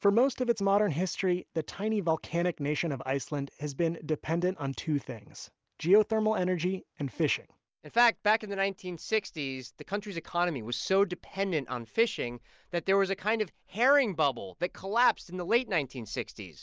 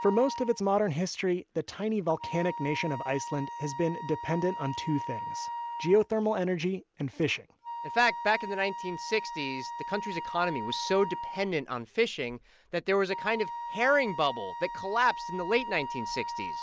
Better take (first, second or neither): first